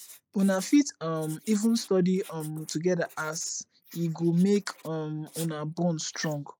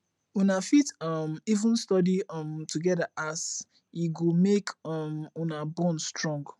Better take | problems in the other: second | noise reduction (neural mask model Resemble Enhance denoiser)

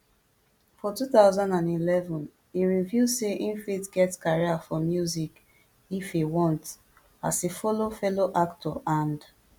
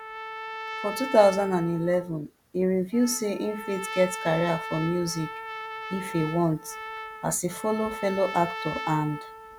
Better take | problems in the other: first | background sound (Trumpet); 10 dB below the speech

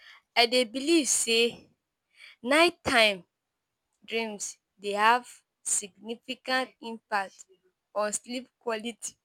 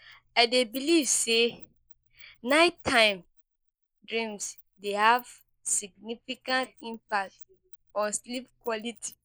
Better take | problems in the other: first | noise reduction (neural mask model Resemble Enhance denoiser)

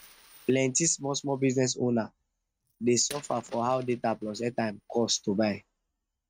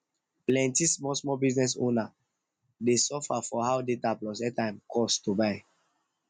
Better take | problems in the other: second | noise reduction (neural mask model RNNoise)

